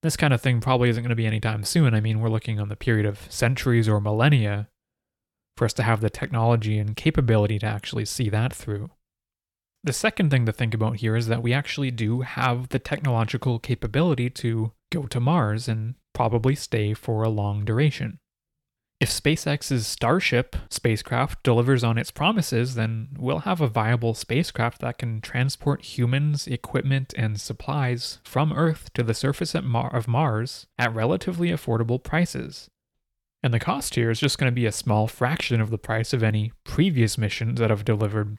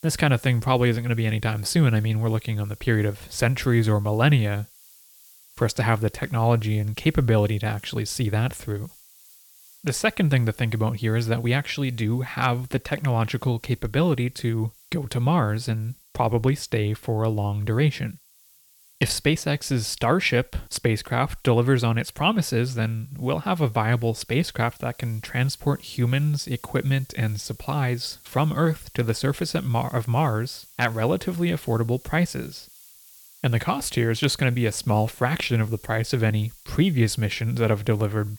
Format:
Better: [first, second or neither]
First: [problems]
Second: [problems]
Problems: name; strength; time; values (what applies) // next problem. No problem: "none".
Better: first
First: none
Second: hiss; faint; throughout; 25 dB below the speech